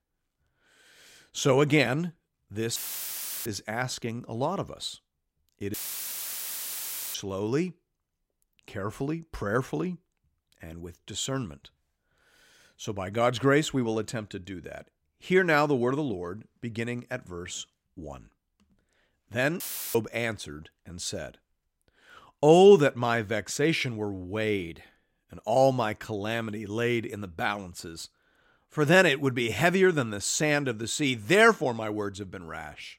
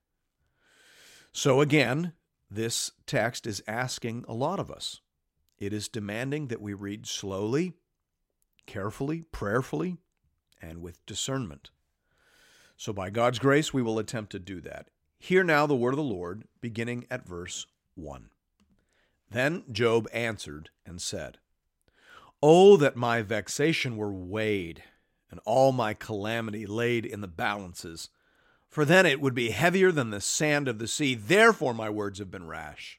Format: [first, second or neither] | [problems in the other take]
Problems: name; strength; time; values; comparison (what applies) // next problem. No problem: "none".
second | audio cutting out; filled with static; at 3 s for 0.5 s, at 5.5 s for 1.5 s and at 20 s